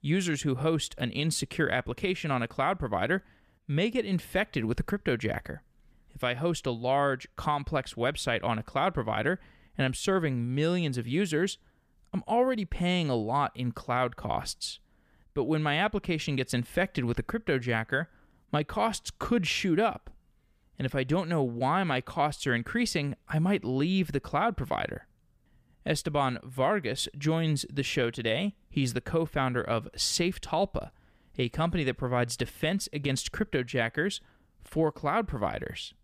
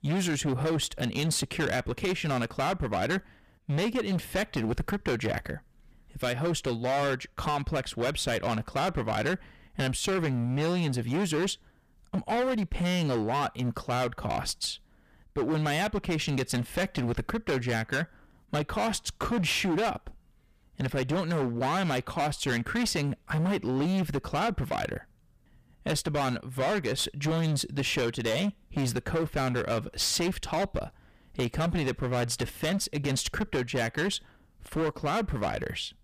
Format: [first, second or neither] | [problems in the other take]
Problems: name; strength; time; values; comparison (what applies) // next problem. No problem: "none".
first | distortion; heavy; 18% of the sound clipped